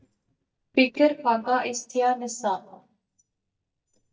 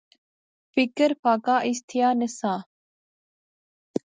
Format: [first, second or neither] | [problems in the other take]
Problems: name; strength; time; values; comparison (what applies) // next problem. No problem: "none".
second | noise reduction (neural mask model DeepFilterNet 3)